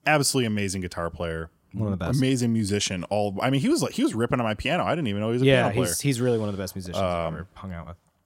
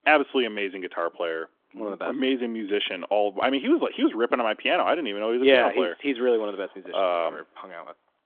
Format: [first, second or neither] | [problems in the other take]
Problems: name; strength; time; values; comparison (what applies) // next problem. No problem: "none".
first | phone-call audio